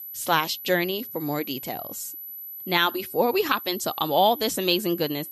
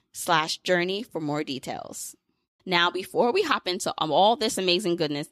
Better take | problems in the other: second | high-pitched whine; noticeable; throughout; 12 kHz, 10 dB below the speech

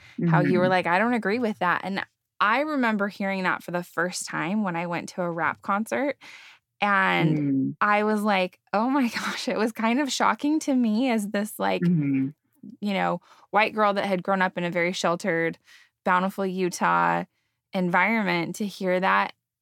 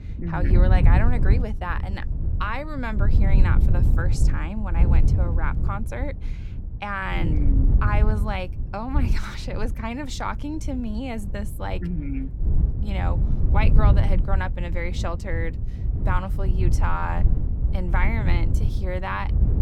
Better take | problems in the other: first | wind noise on the microphone; heavy; 8 dB below the speech

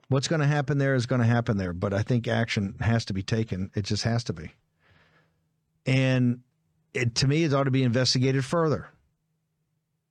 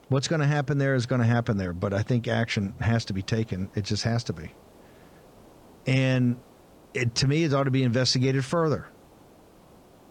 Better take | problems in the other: first | hiss; faint; throughout; 30 dB below the speech

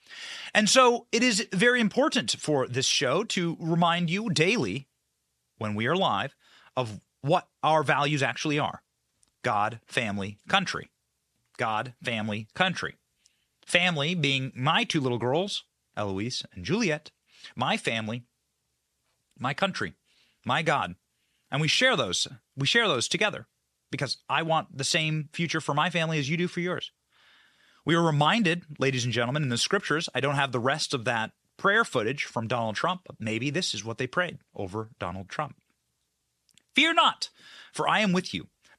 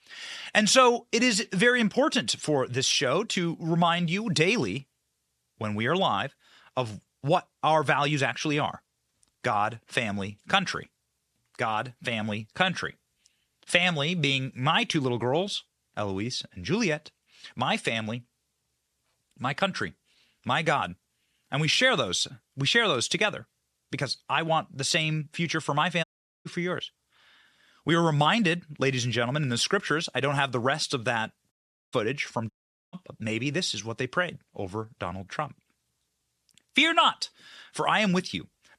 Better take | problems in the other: first | audio cutting out; at 26 s, at 32 s and at 33 s

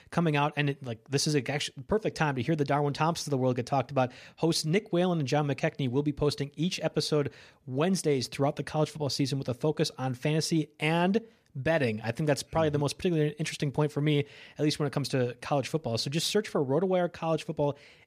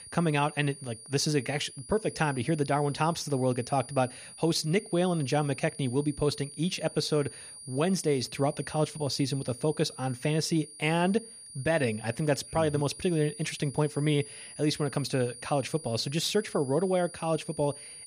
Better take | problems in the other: first | high-pitched whine; noticeable; throughout; 9.5 kHz, 15 dB below the speech

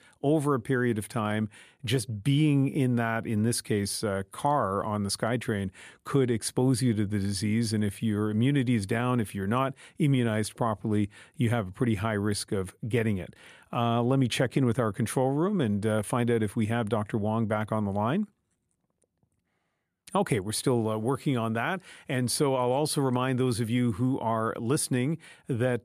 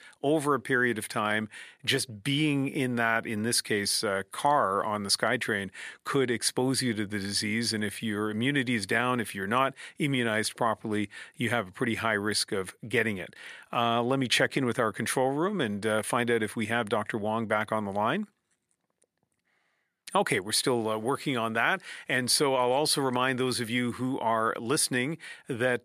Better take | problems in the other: first | thin; somewhat; fading below 850 Hz

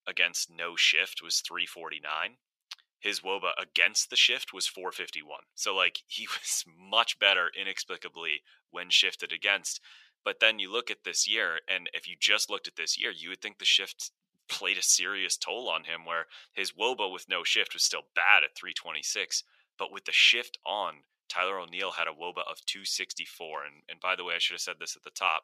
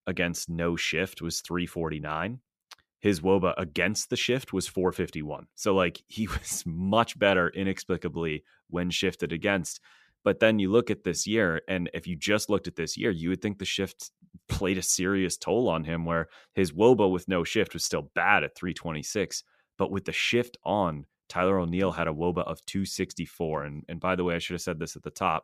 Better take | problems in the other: second | thin; very; fading below 800 Hz

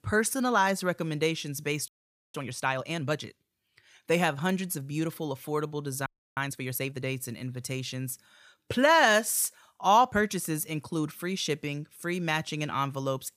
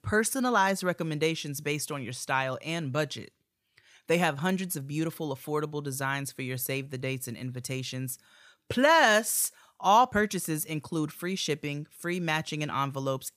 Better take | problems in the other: second | audio freezing; at 2 s and at 6 s

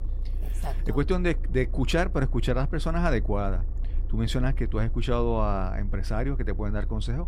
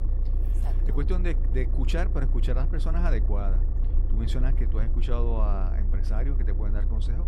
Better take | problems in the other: first | low rumble; loud; throughout; 9 dB below the speech; faint in the first

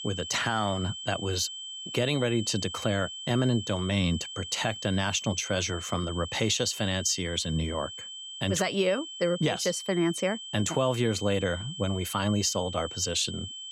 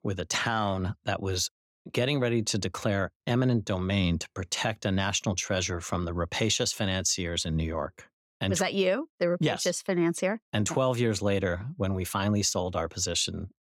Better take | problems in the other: second | high-pitched whine; loud; throughout; 3 kHz, 9 dB below the speech

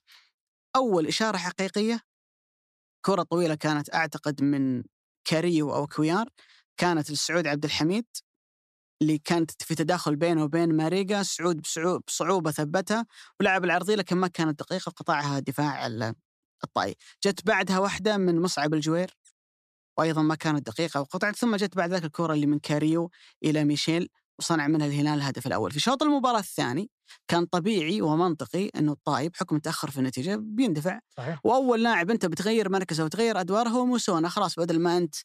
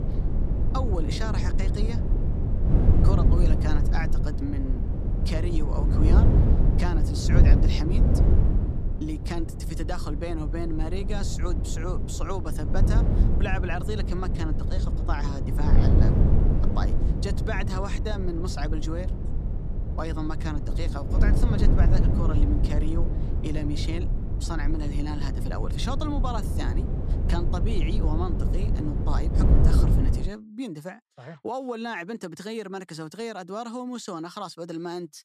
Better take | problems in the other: first | wind noise on the microphone; heavy; until 30 s; 2 dB below the speech

